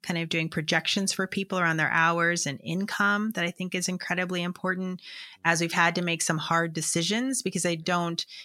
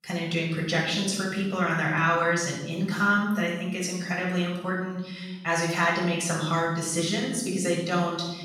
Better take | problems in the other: first | off-mic speech; far // room echo; noticeable; dies away in 1.1 s

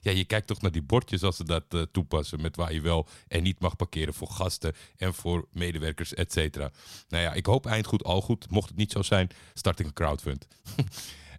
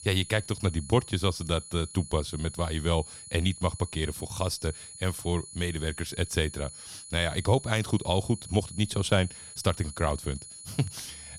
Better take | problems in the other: first | high-pitched whine; noticeable; throughout; 10 kHz, 15 dB below the speech

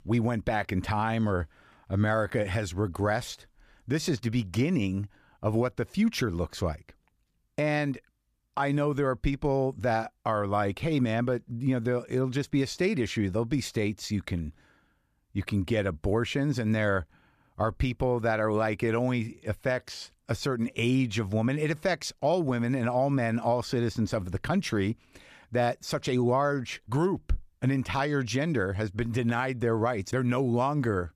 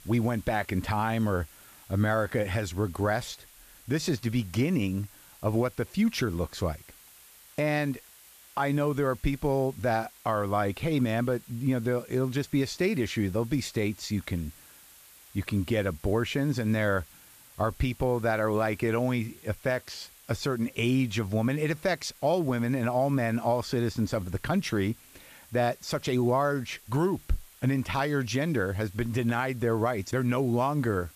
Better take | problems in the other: first | hiss; faint; throughout; 25 dB below the speech

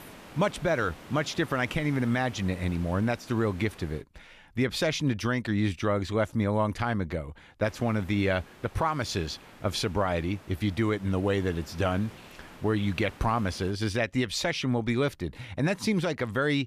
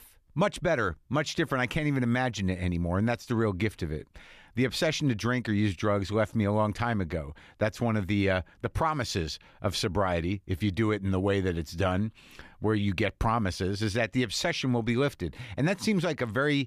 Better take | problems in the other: second | hiss; faint; until 4 s and from 7.5 to 14 s; 20 dB below the speech

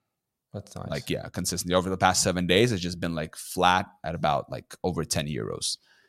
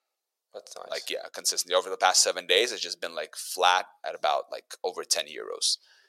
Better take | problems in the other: first | thin; very; fading below 450 Hz

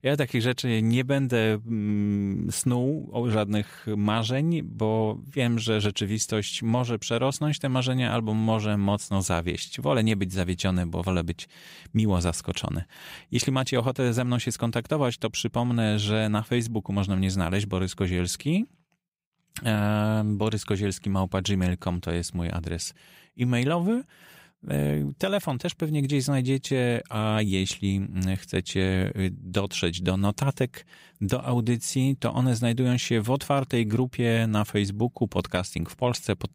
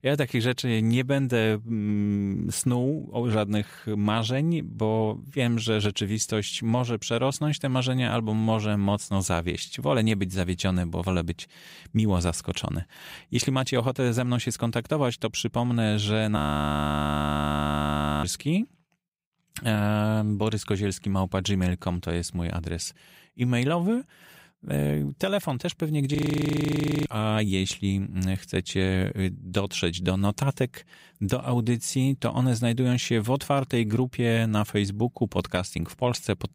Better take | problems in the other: first | audio freezing; at 16 s for 2 s and at 26 s for 1 s

